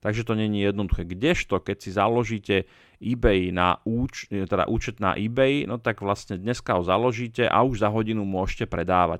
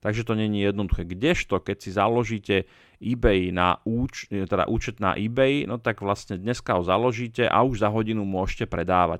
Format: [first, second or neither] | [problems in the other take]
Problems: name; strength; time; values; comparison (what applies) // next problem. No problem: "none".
neither | none